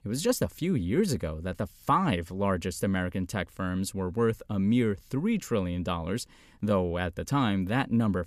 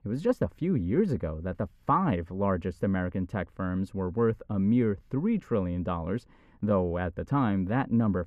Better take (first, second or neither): first